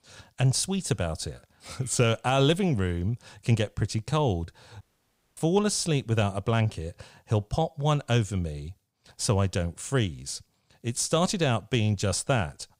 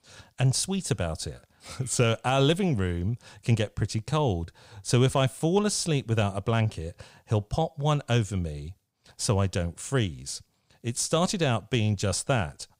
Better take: second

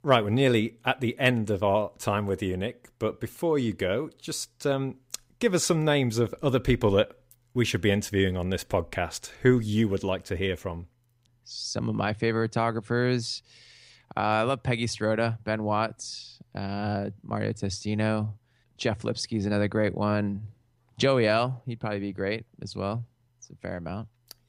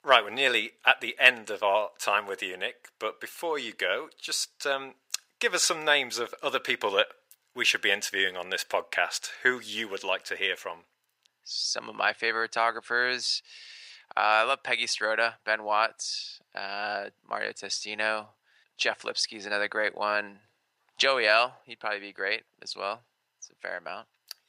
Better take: first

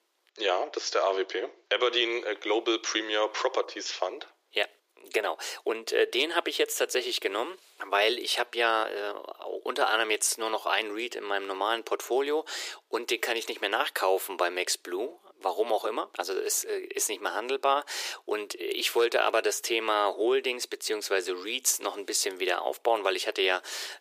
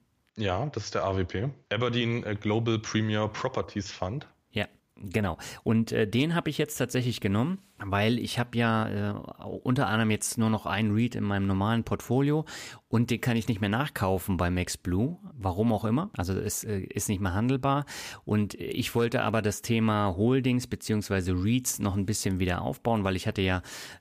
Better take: second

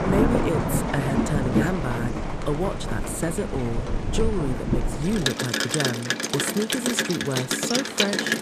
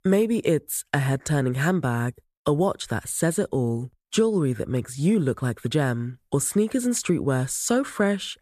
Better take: second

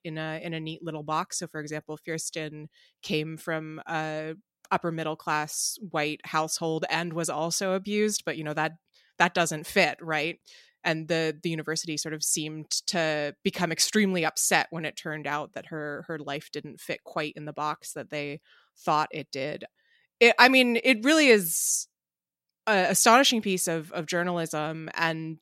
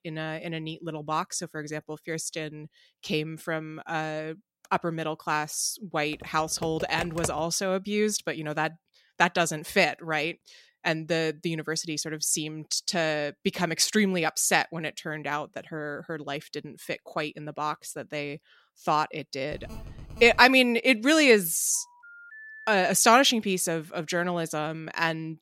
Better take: first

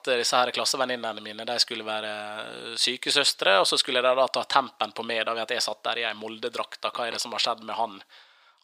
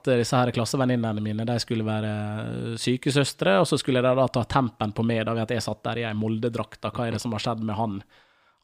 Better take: second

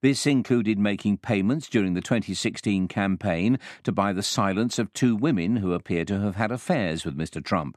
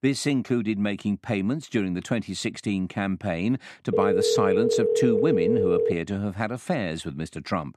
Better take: first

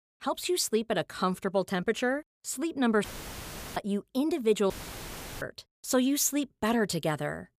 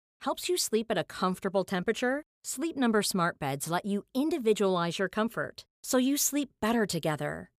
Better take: second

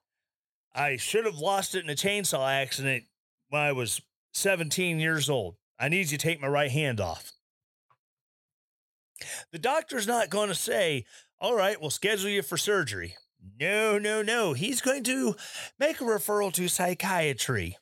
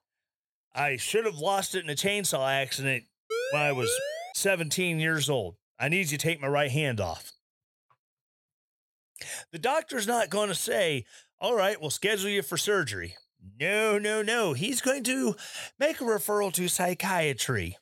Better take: first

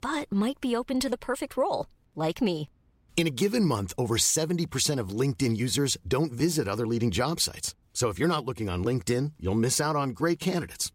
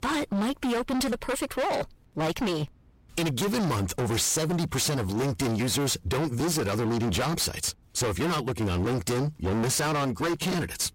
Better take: first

